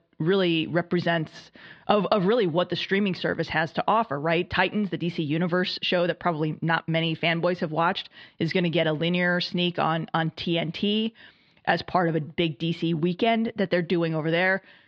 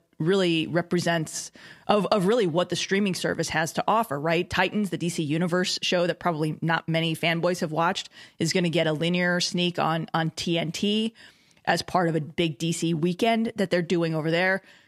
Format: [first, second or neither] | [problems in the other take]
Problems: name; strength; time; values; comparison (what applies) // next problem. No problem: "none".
second | muffled; very slightly; fading above 4 kHz